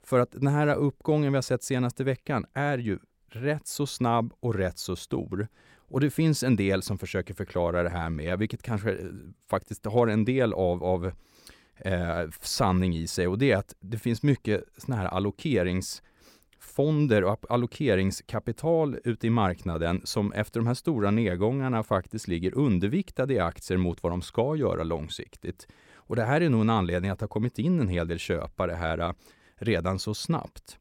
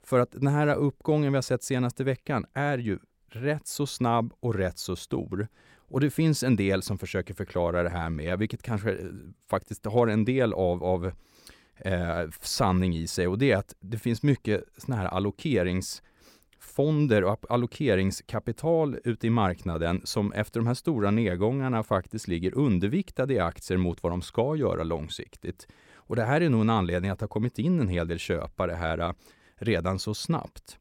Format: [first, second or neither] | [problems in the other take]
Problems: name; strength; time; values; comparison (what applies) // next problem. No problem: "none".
neither | none